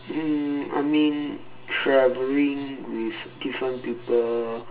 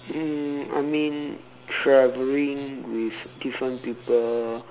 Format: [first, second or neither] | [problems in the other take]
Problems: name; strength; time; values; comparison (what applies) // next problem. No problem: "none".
second | room echo; dies away in 0.2 s